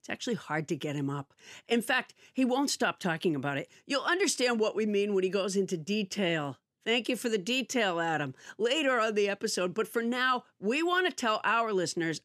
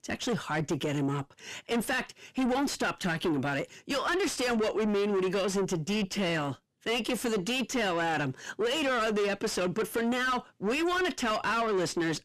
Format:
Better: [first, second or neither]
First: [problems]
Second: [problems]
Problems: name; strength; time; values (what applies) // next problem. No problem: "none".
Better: first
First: none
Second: distortion; heavy; 6 dB below the speech